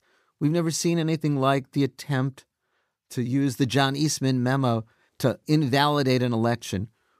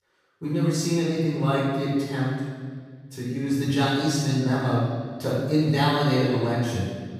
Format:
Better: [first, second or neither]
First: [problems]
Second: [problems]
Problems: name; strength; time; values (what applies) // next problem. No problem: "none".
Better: first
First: none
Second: off-mic speech; far // room echo; strong; dies away in 1.6 s